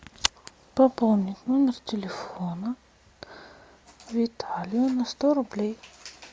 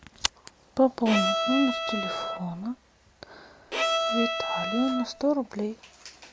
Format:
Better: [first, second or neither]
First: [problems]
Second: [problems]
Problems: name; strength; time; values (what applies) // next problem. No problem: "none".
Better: first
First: none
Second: background sound (Bowed string instrument); as loud as the speech